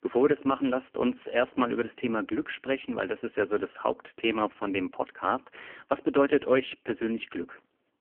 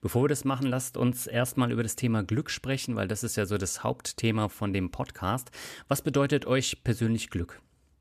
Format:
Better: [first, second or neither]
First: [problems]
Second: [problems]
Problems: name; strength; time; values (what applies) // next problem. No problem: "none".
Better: second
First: phone-call audio; poor line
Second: none